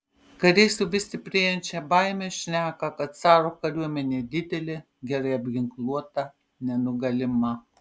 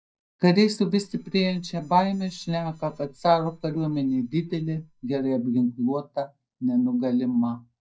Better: first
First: none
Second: noise reduction (neural mask model DeepFilterNet 3)

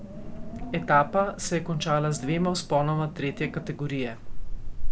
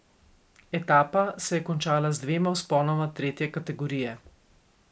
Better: second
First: background sound (Wind); 3 dB below the speech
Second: none

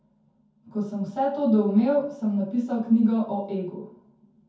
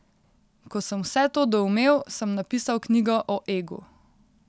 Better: second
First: room echo; dies away in 0.6 s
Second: none

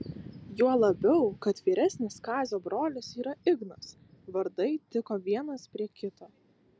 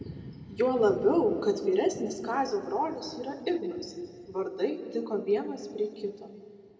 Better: first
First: none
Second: room echo; dies away in 1.8 s

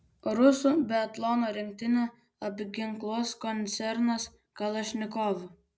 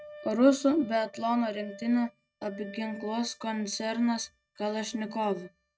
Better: first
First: none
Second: noise reduction (neural mask model RNNoise)

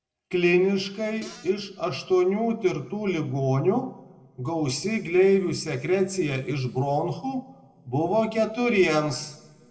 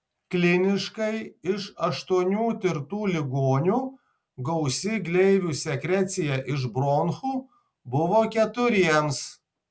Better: second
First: noise reduction (neural separator model SepFormer DNS4)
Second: none

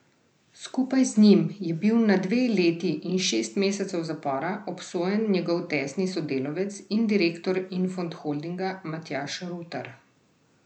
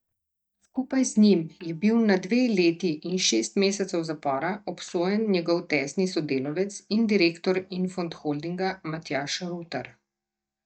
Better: first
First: none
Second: noise reduction (neural mask model DeepFilterNet 3)

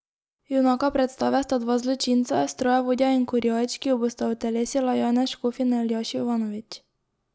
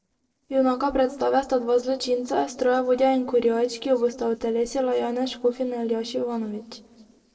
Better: first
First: none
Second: noise reduction (neural separator model SepFormer DNS4)

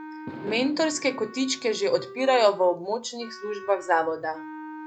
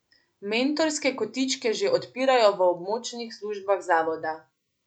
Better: second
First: background sound (Fireworks + Wind instrument, woodwind instrument); 15 dB below the speech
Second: none

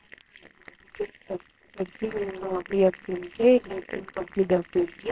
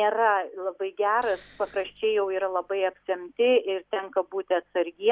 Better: second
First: noise reduction (neural separator model SepFormer WHAMR!)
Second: none

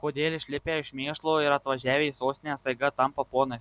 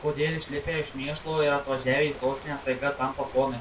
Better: first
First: none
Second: background sound (Ocean); 16 dB below the speech // room echo; dies away in 0.2 s

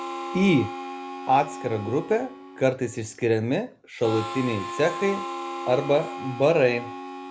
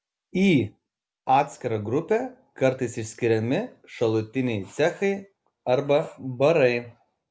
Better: second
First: background sound (Harmonica); 10 dB below the speech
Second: none

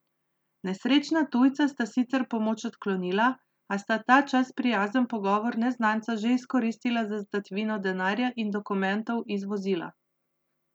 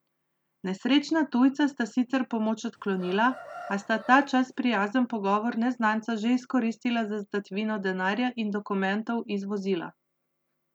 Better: first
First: none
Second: background sound (Chicken, rooster); 17 dB below the speech

